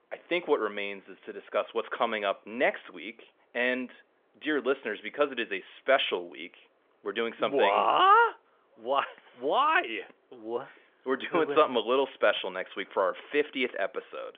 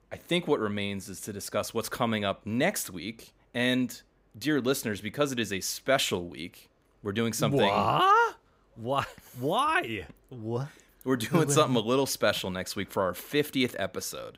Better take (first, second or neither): second